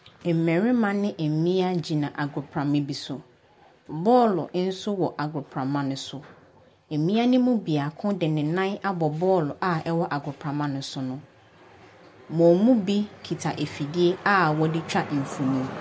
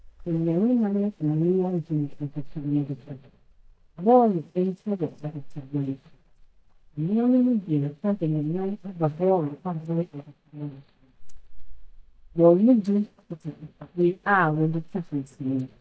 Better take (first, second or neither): first